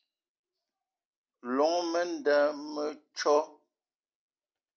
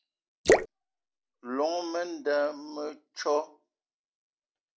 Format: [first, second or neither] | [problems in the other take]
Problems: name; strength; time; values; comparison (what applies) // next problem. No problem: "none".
first | background sound (Drip / Splash, splatter); 4 dB above the speech